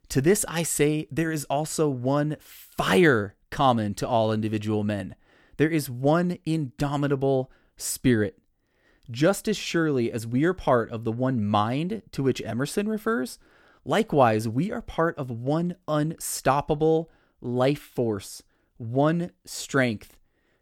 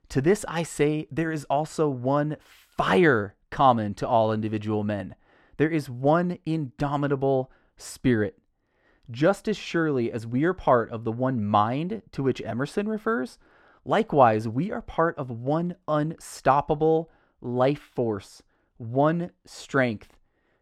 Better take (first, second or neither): first